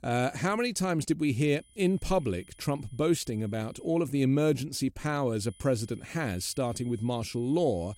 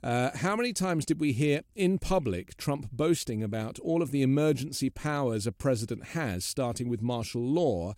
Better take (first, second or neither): second